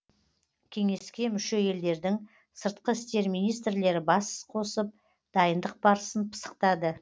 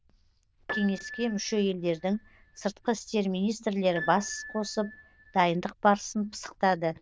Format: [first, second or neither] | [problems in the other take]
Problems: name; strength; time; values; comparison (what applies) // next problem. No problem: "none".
first | noise reduction (neural diffusion model UNIVERSE++)